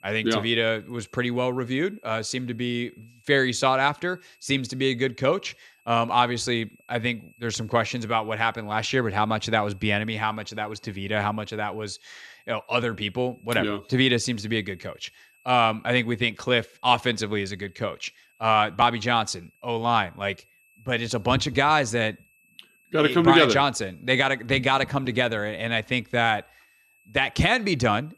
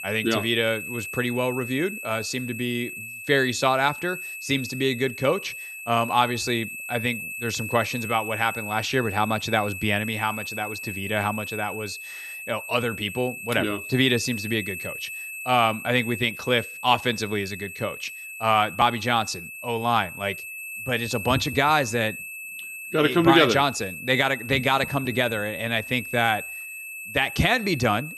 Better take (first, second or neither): first